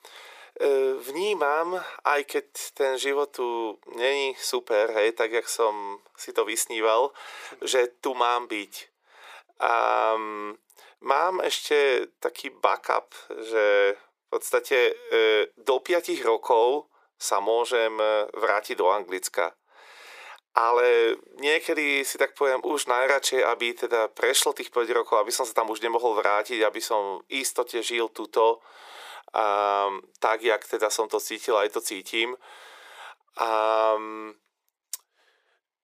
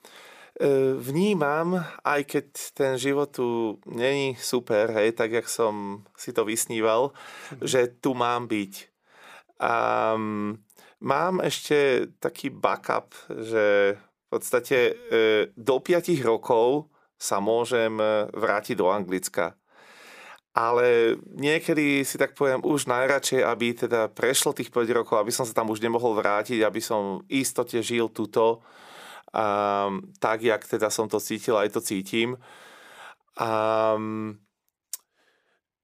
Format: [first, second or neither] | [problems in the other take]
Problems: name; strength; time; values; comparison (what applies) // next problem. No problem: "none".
second | thin; very; fading below 400 Hz